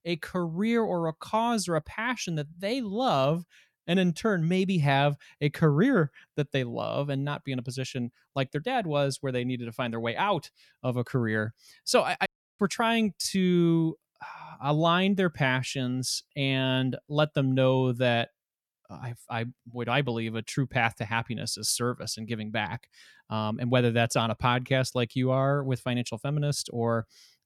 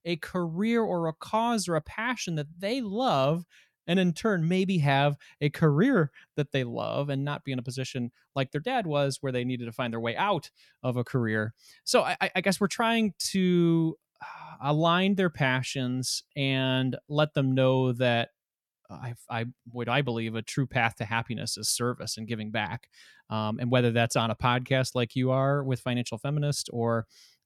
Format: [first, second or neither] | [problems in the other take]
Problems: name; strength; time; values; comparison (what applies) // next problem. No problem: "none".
second | audio cutting out; at 12 s